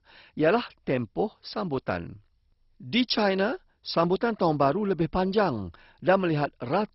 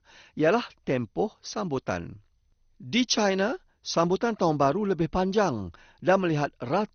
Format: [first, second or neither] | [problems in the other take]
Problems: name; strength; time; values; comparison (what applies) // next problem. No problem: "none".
second | garbled, watery; badly; nothing above 5.5 kHz; slightly in the second